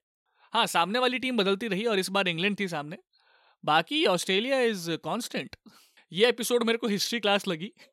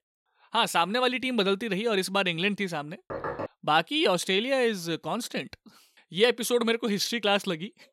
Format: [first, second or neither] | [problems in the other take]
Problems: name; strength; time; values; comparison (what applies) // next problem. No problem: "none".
first | door banging; noticeable; at 3 s; peak 8 dB below the speech